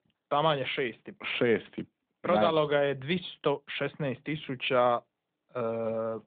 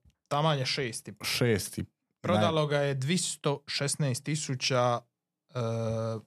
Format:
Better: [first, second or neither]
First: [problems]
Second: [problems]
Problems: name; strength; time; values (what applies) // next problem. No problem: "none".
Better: second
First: phone-call audio; nothing above 3.5 kHz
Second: none